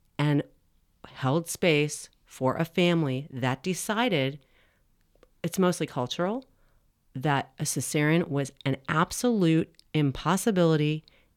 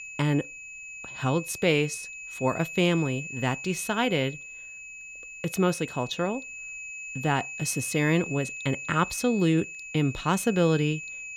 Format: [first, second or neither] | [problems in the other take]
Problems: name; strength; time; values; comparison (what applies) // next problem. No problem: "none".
first | high-pitched whine; loud; throughout; 2.5 kHz, 10 dB below the speech